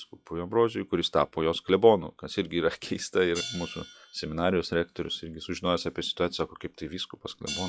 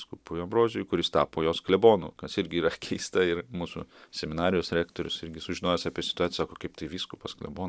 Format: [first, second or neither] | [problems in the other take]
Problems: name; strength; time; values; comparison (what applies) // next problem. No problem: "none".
second | noise reduction (classical method log-MMSE)